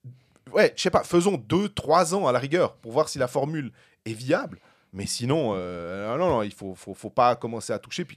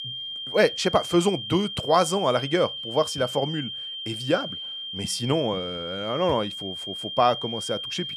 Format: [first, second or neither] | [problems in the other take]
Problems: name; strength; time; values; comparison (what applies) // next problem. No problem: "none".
first | high-pitched whine; loud; throughout; 3 kHz, 7 dB below the speech